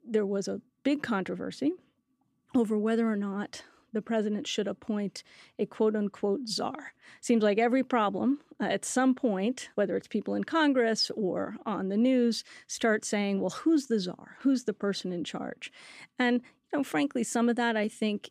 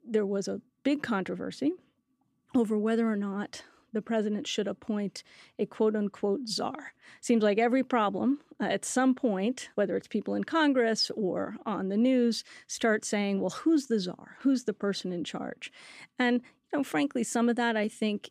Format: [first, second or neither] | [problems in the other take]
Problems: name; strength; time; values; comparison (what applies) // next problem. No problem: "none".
neither | none